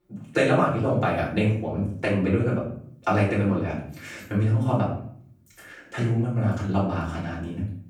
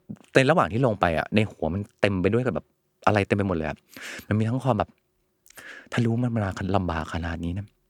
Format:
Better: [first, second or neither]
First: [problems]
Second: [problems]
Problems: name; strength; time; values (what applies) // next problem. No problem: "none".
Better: second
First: off-mic speech; far // room echo; noticeable; dies away in 0.6 s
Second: none